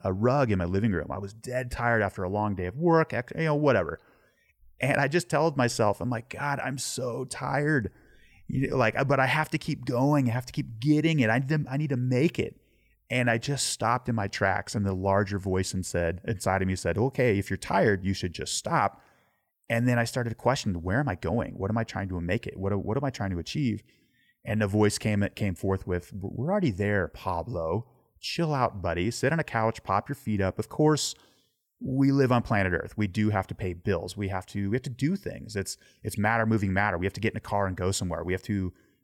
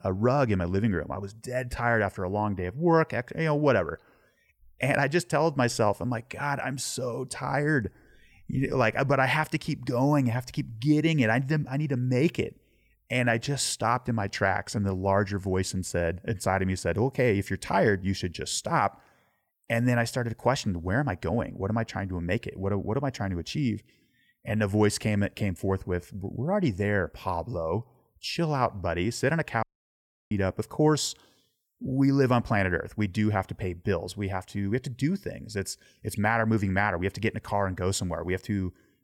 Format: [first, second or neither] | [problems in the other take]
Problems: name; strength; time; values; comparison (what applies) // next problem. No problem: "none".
first | audio cutting out; at 30 s for 0.5 s